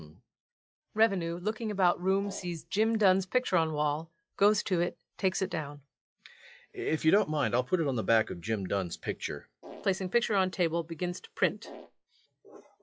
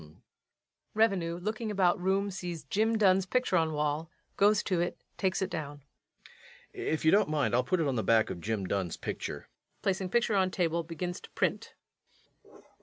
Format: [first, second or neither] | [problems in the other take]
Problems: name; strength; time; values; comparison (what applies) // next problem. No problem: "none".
second | noise reduction (classical method log-MMSE)